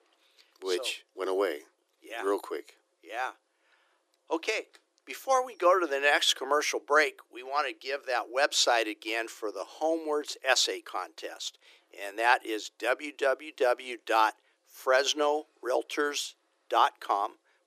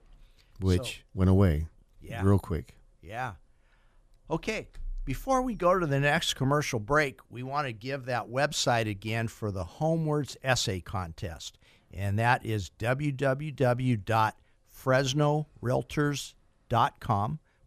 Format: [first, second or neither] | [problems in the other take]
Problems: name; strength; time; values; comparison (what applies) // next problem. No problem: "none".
second | thin; very; fading below 300 Hz